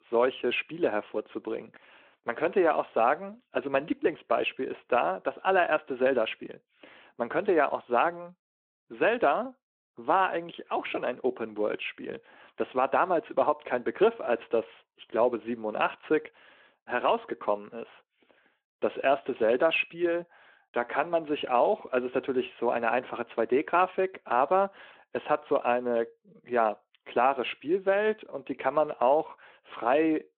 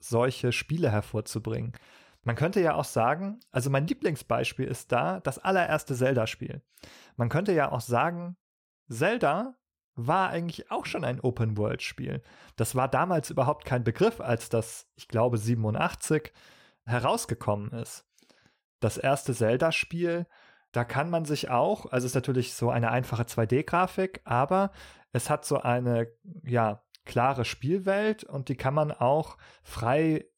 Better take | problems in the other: second | phone-call audio

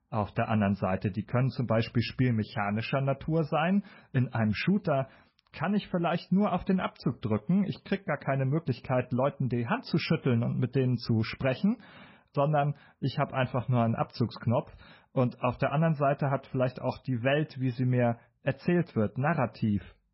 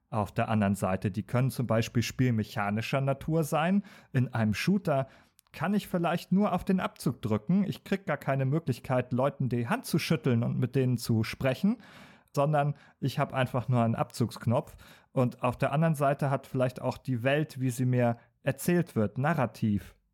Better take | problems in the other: second | garbled, watery; badly; nothing above 5.5 kHz

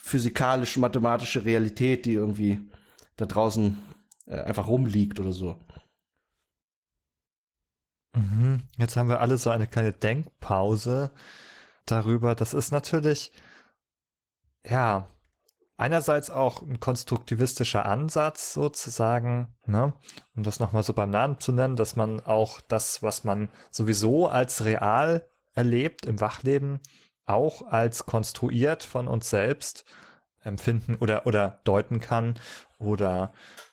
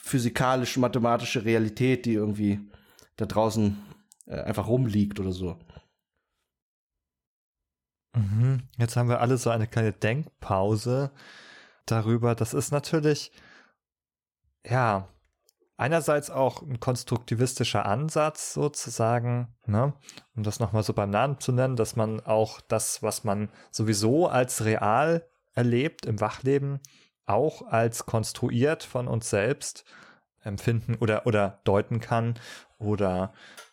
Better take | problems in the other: second | garbled, watery; slightly; nothing above 17.5 kHz

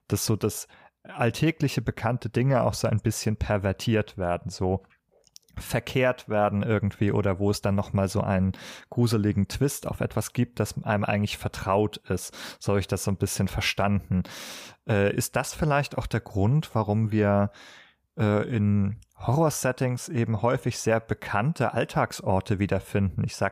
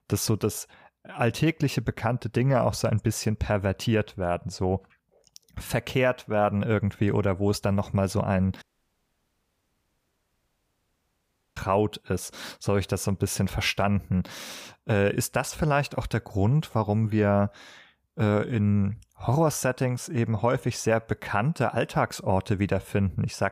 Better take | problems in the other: first | audio cutting out; at 8.5 s for 3 s

